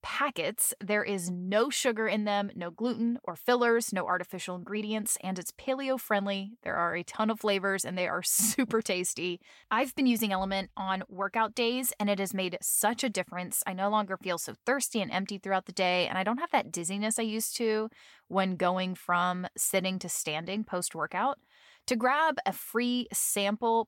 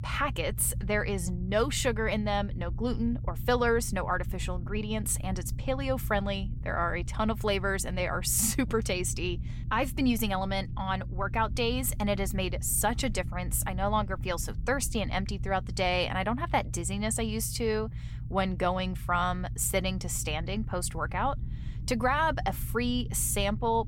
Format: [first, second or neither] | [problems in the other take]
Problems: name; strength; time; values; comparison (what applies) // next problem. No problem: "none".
first | low rumble; faint; throughout; 20 dB below the speech